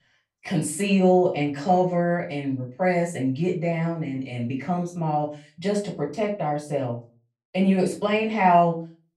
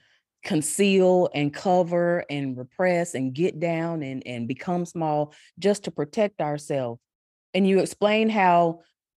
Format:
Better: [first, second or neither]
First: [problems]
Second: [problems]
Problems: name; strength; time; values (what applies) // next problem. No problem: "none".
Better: second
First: off-mic speech; far // room echo; very slight; dies away in 0.3 s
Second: none